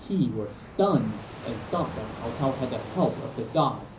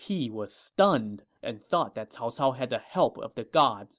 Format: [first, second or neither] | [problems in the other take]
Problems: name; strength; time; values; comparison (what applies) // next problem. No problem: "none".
second | background sound (Fixed-wing aircraft, airplane); 12 dB below the speech // room echo; dies away in 0.5 s